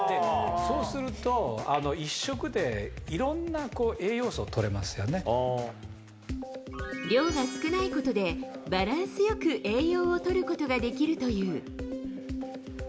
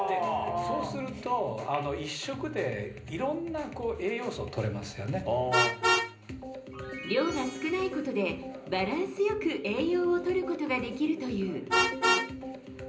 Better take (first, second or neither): first